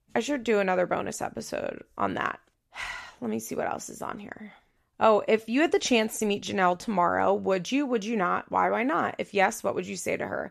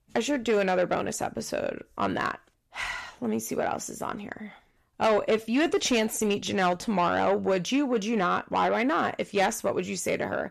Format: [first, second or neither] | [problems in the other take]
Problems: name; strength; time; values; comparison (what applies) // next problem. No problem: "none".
first | distortion; slight; 10 dB below the speech